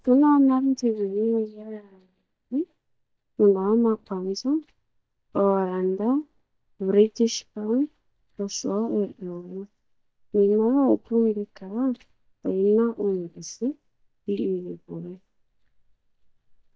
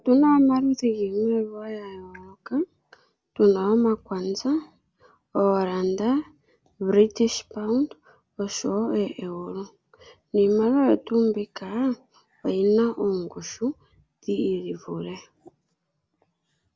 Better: second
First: noise reduction (neural mask model DeepFilterNet 3)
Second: none

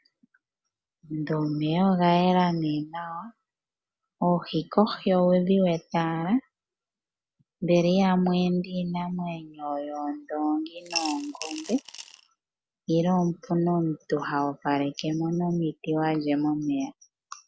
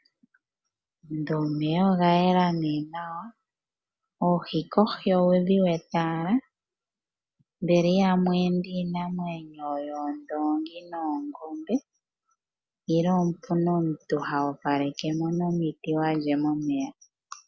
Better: second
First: background sound (Coin (dropping) / Glass); 11 dB below the speech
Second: none

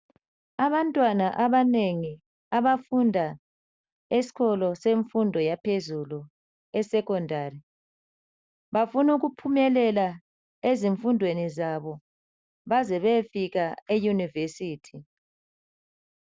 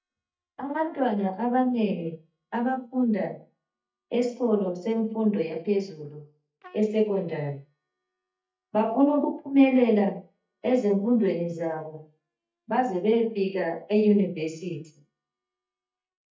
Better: first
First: none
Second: noise reduction (neural mask model DeepFilterNet 3)

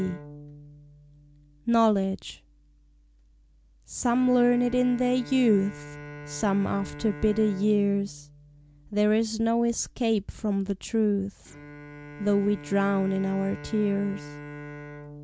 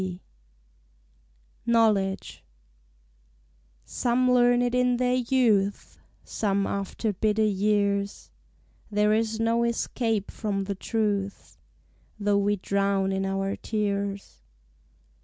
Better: second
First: background sound (Bowed string instrument); 17 dB below the speech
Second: none

